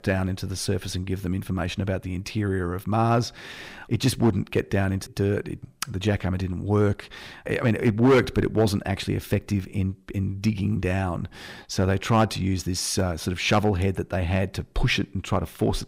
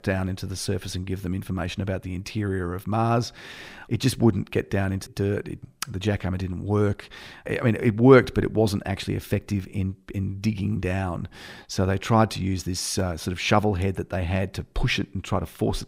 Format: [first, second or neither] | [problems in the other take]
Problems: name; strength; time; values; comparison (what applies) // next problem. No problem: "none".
second | distortion; slight; 1.6% of the sound clipped